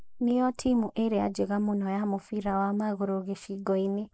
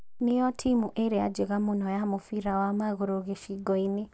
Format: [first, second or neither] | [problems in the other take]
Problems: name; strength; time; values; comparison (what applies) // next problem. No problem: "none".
second | noise reduction (neural mask model Resemble Enhance denoiser)